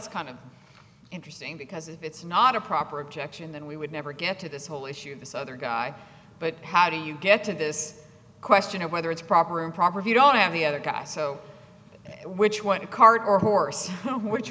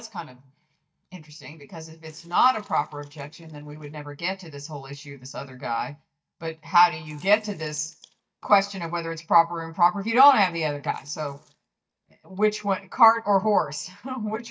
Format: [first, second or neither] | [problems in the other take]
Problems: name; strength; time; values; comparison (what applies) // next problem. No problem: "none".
first | noise reduction (neural mask model DeepFilterNet 3)